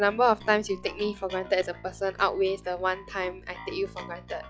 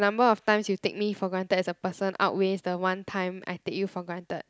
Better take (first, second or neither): second